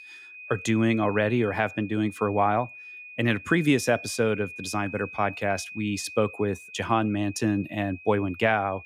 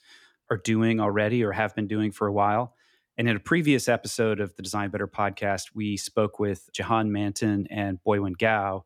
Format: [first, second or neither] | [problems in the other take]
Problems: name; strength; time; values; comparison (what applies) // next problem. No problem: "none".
second | high-pitched whine; noticeable; throughout; 2.5 kHz, 15 dB below the speech